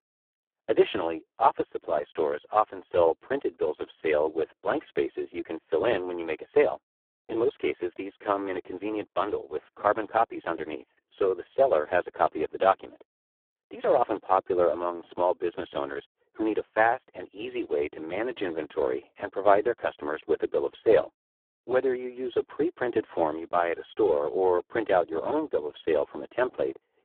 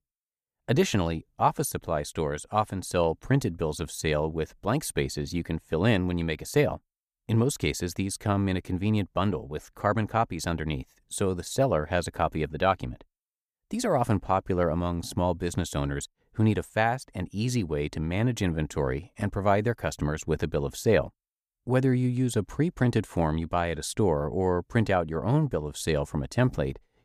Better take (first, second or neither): second